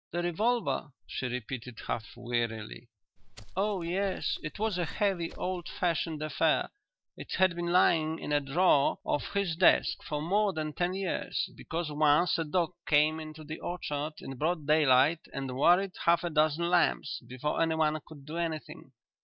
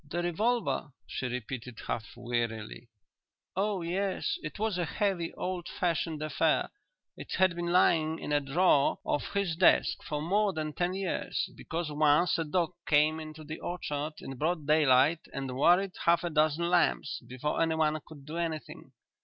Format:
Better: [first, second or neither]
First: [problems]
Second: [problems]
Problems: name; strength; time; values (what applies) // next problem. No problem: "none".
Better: second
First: noise reduction (neural mask model DeepFilterNet 3)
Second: none